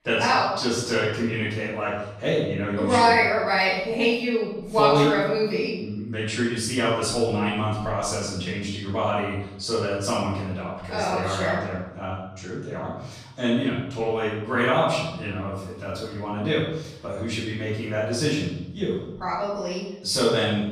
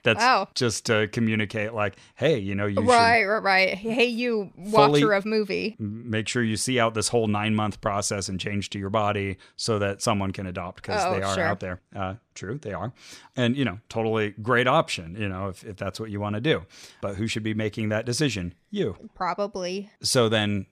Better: second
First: off-mic speech; far // room echo; noticeable; dies away in 0.8 s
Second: none

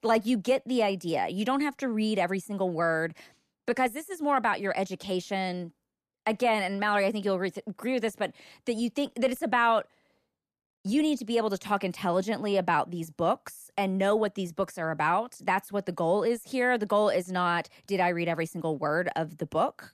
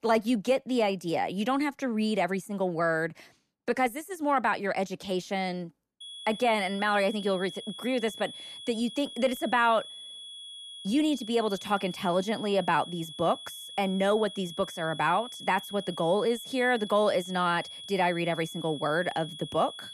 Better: first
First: none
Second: high-pitched whine; noticeable; from 6 s on; 3.5 kHz, 10 dB below the speech

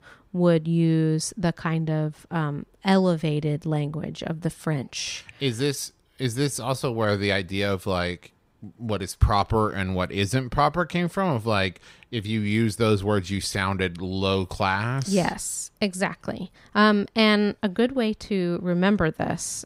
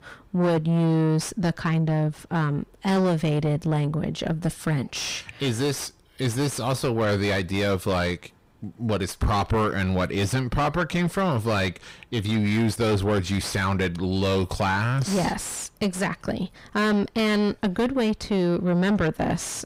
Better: first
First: none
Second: distortion; heavy; 6 dB below the speech

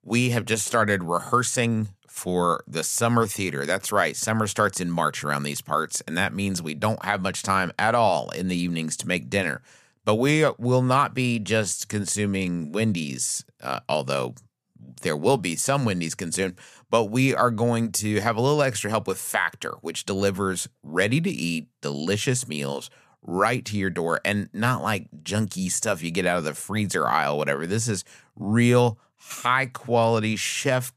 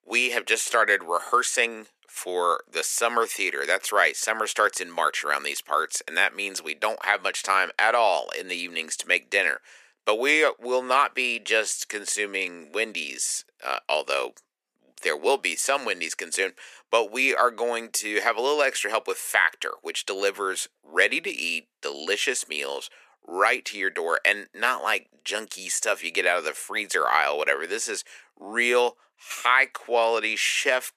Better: first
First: none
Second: thin; very; fading below 350 Hz

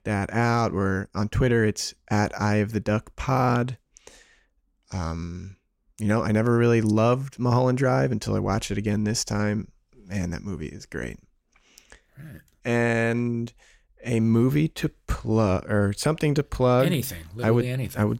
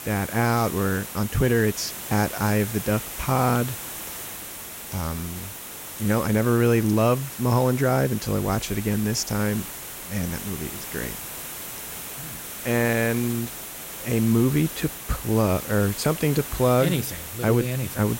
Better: first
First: none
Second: hiss; loud; throughout; 9 dB below the speech

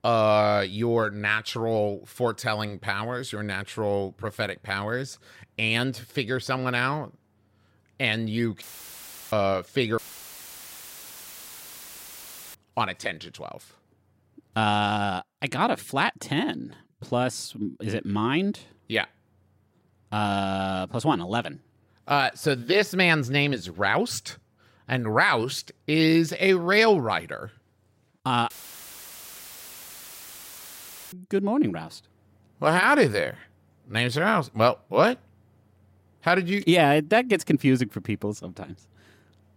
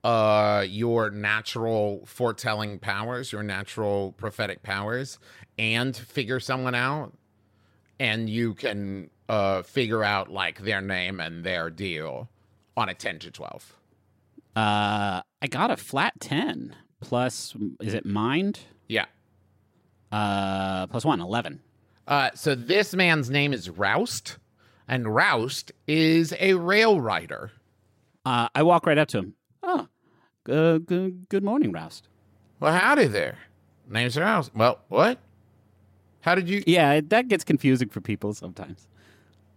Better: second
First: audio cutting out; filled with static; at 8.5 s for 0.5 s, at 10 s for 2.5 s and at 29 s for 2.5 s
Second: none

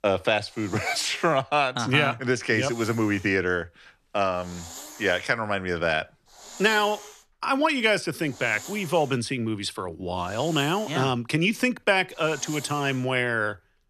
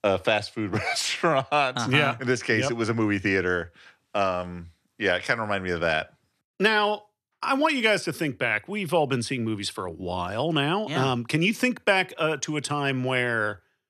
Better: second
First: hiss; noticeable; throughout; 15 dB below the speech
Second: none

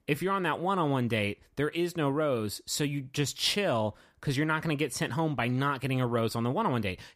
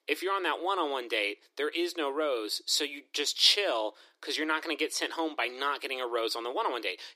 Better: first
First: none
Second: thin; very; fading below 300 Hz

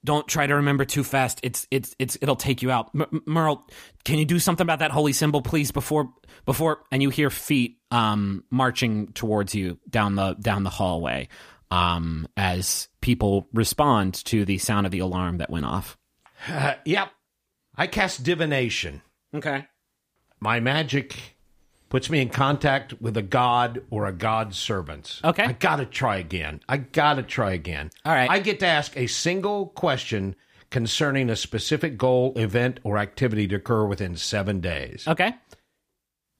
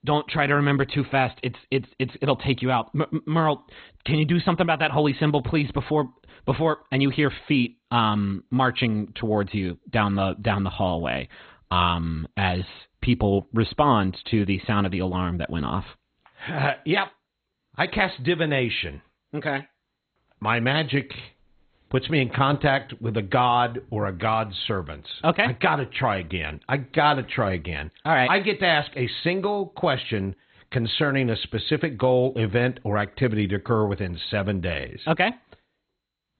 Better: first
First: none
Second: garbled, watery; badly; nothing above 4 kHz

